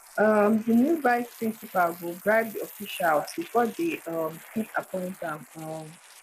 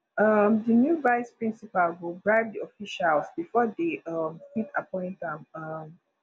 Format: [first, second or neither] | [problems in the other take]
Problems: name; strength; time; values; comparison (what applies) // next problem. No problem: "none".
second | noise reduction (neural mask model Resemble Enhance denoiser)